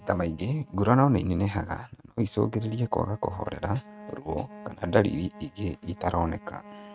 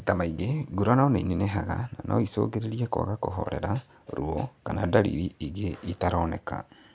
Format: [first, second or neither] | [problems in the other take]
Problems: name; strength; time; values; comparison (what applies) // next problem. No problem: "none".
second | noise reduction (neural mask model RNNoise)